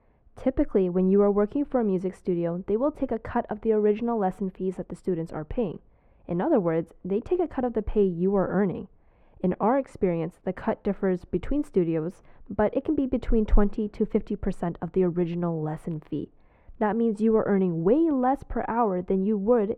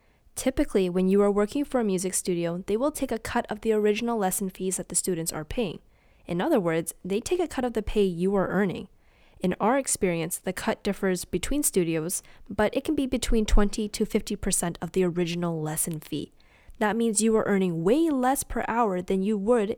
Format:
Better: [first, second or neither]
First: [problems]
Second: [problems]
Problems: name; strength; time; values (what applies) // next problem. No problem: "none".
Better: second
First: muffled; very; fading above 3.5 kHz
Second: none